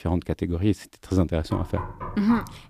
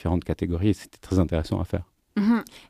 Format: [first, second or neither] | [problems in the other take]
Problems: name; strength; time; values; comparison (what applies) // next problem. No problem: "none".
second | door banging; noticeable; from 1.5 s on; peak 8 dB below the speech